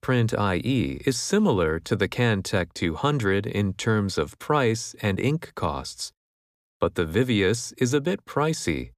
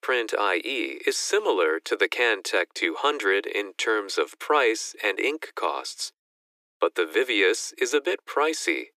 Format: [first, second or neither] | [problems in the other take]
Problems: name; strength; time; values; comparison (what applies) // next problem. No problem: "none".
first | thin; very; fading below 300 Hz